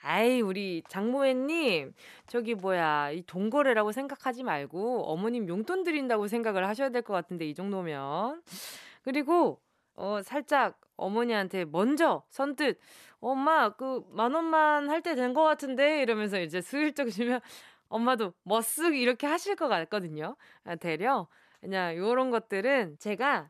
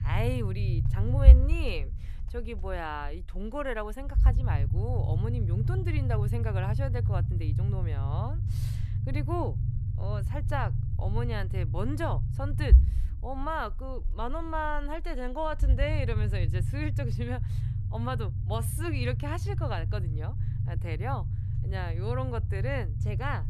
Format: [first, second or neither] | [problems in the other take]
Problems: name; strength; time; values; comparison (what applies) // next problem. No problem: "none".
first | low rumble; loud; throughout; 8 dB below the speech